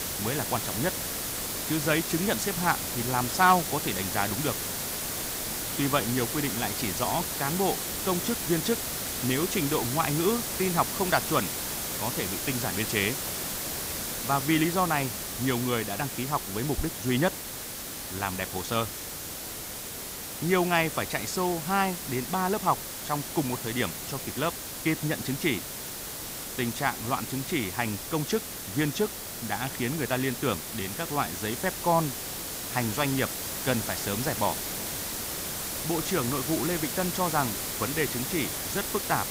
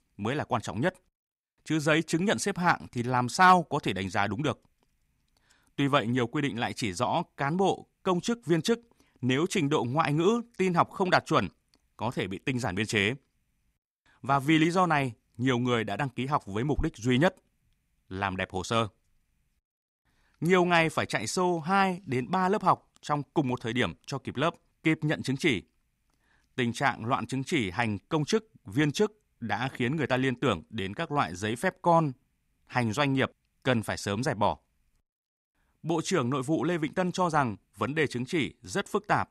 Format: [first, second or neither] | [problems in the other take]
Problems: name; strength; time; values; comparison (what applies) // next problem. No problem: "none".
second | hiss; loud; throughout; 2 dB below the speech